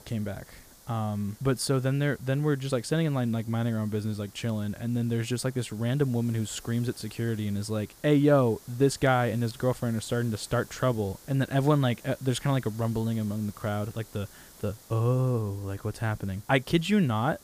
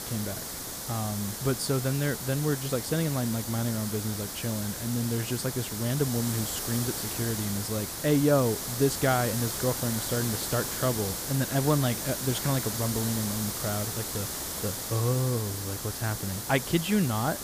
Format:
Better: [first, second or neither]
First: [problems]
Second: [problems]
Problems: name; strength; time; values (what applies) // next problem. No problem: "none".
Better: first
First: hiss; faint; throughout; 20 dB below the speech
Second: hiss; loud; throughout; 3 dB below the speech